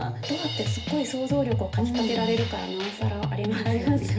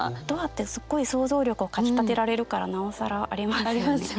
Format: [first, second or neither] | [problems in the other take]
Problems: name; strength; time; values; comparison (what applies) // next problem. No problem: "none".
second | background sound (Drum kit); 1 dB below the speech // room echo; dies away in 0.3 s